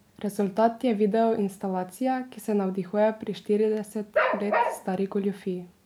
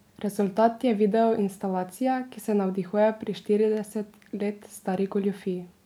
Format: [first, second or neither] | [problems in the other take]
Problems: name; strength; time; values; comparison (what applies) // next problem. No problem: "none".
second | background sound (Bark); as loud as the speech